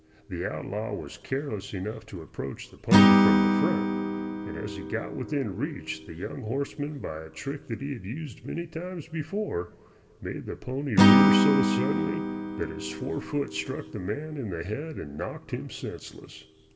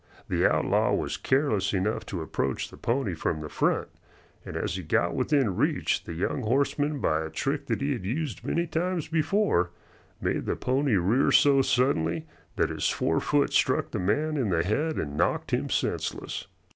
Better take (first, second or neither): second